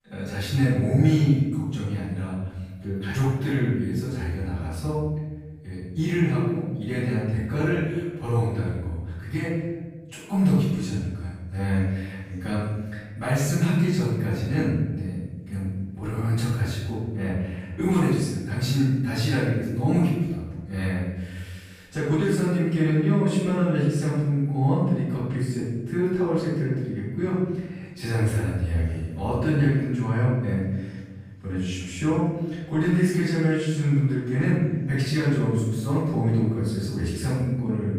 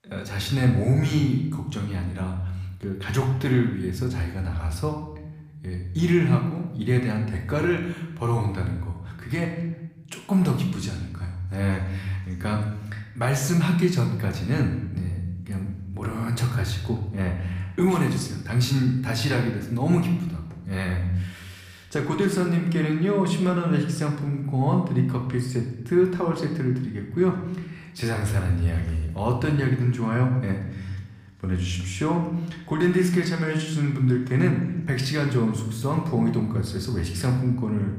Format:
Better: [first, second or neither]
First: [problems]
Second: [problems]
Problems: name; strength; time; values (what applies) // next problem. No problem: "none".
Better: second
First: room echo; strong; dies away in 1.2 s // off-mic speech; far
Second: room echo; slight; dies away in 0.8 s // off-mic speech; somewhat distant